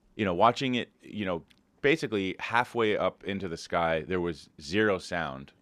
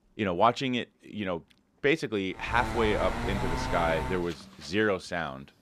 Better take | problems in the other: first | traffic noise; loud; from 2.5 s on; 4 dB below the speech

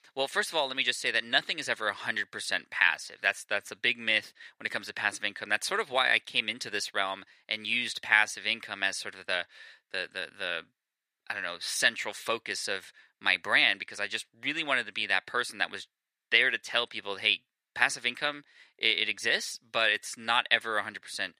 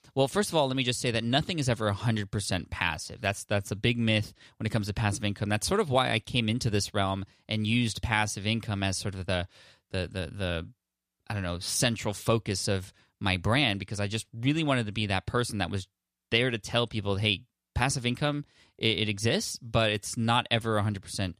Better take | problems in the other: second | thin; very; fading below 450 Hz

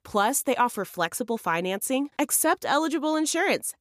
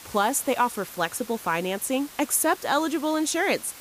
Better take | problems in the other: first | hiss; noticeable; throughout; 15 dB below the speech

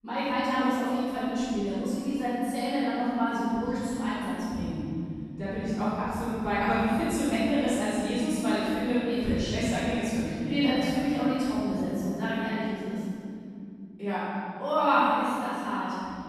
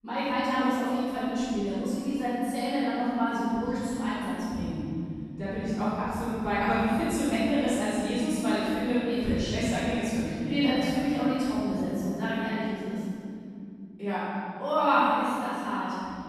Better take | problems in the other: neither | room echo; strong; dies away in 3 s; the same in both // off-mic speech; far; the same in both

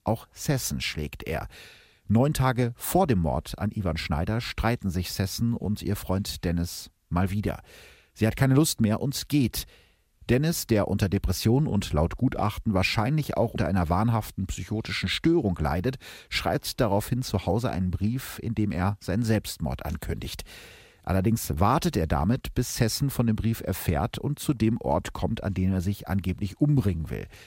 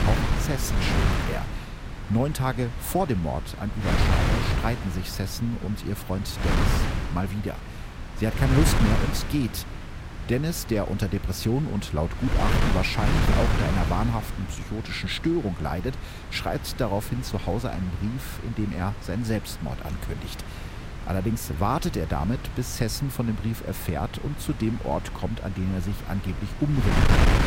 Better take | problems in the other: first | wind noise on the microphone; heavy; 3 dB below the speech

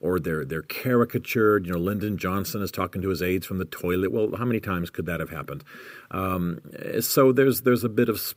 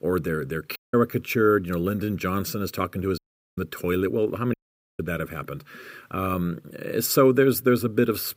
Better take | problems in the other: first | audio cutting out; at 1 s, at 3 s and at 4.5 s

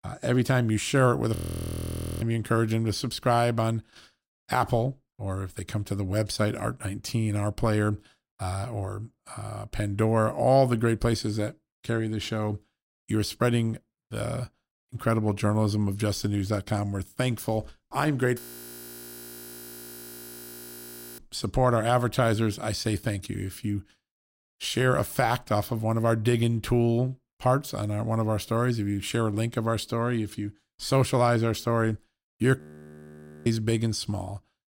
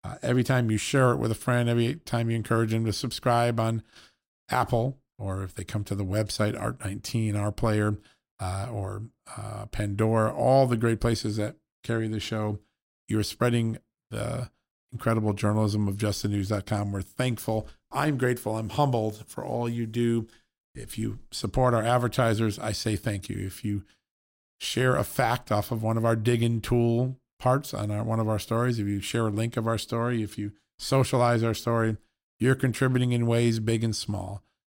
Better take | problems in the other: second | audio freezing; at 1.5 s for 1 s, at 18 s for 3 s and at 33 s for 1 s

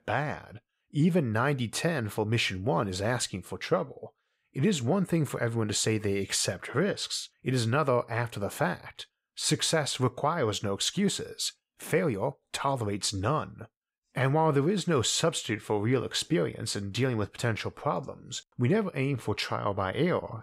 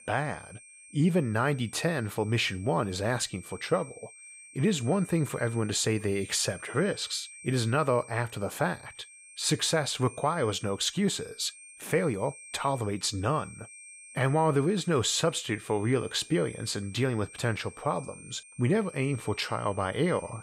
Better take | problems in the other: first | high-pitched whine; noticeable; throughout; 8.5 kHz, 20 dB below the speech

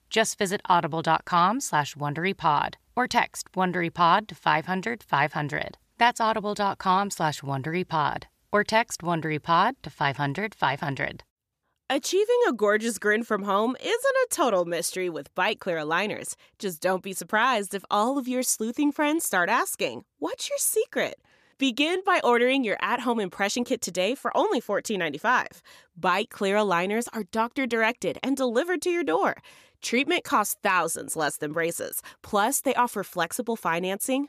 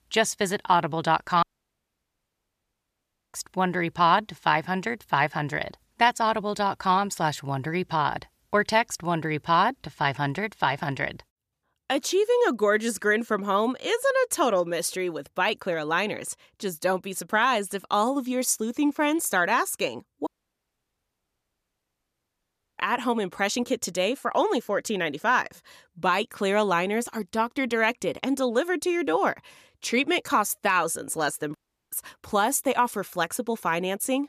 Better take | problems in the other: first | audio cutting out; at 1.5 s for 2 s, at 20 s for 2.5 s and at 32 s

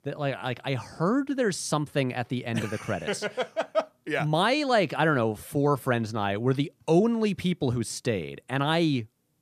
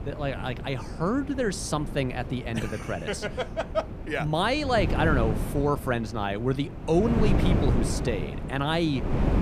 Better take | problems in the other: first | wind noise on the microphone; heavy; 9 dB below the speech

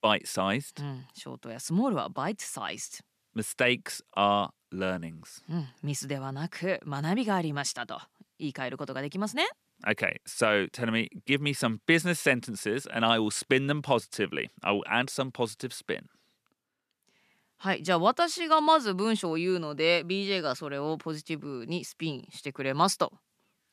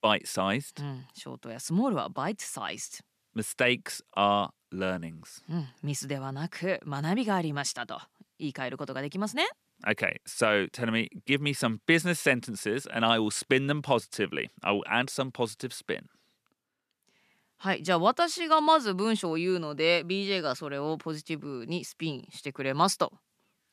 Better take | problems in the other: neither | none

